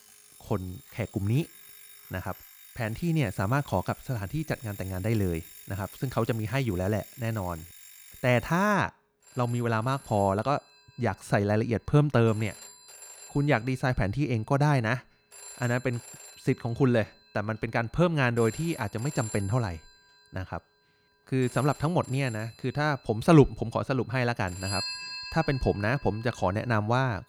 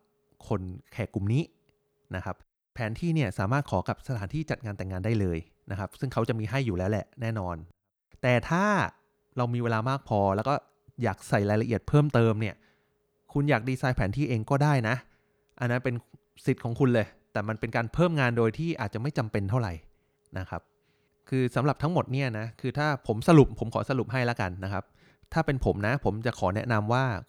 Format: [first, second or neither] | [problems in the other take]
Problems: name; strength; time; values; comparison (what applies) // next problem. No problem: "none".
second | alarms or sirens; noticeable; throughout; 15 dB below the speech